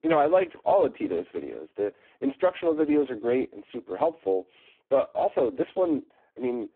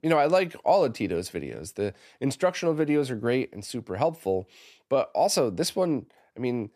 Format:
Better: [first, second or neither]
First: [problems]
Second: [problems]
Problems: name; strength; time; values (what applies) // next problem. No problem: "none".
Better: second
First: phone-call audio; poor line; nothing above 3.5 kHz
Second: none